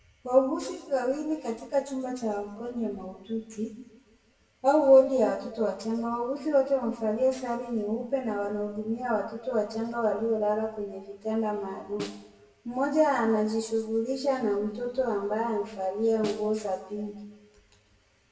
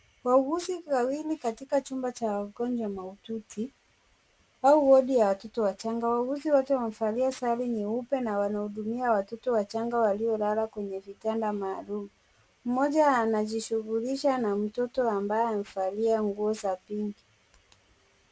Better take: second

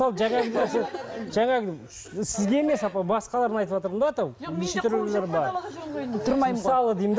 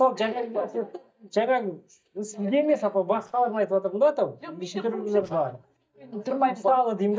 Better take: first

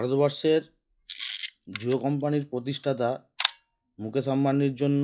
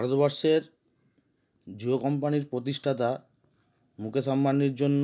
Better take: second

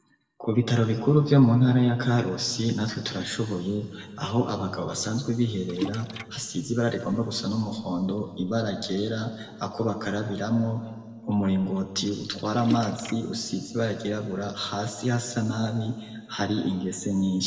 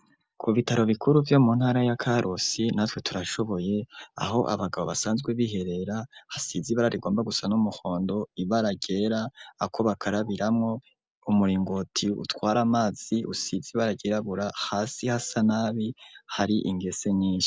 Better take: second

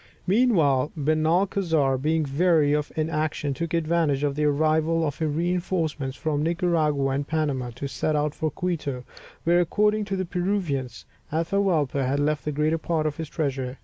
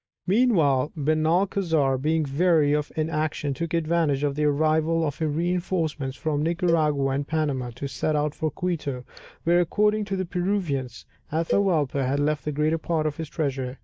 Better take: first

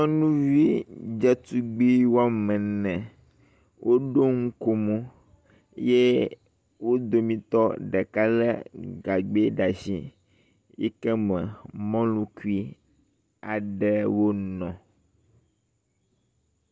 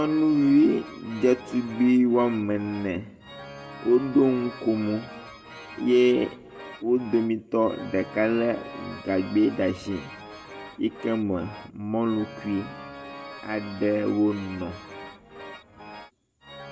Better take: first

